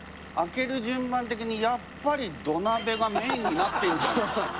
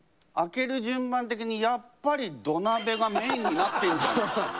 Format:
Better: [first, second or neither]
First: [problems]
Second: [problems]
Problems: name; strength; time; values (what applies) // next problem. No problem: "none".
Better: second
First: background sound (Engine / Vehicle); 15 dB below the speech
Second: none